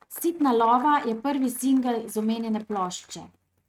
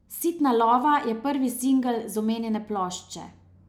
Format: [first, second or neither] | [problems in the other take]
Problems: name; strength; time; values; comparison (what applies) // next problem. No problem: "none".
second | noise reduction (neural mask model RNNoise)